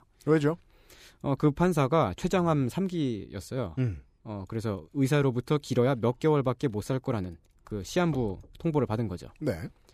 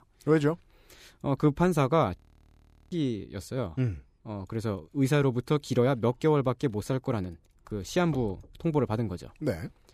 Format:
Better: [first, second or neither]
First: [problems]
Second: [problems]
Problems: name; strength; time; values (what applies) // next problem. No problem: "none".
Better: first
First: none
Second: audio freezing; at 2 s for 1 s